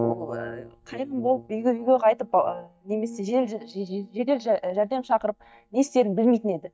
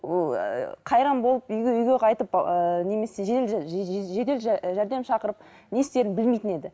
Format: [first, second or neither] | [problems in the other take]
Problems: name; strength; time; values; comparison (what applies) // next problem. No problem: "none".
second | noise reduction (neural mask model DeepFilterNet 3)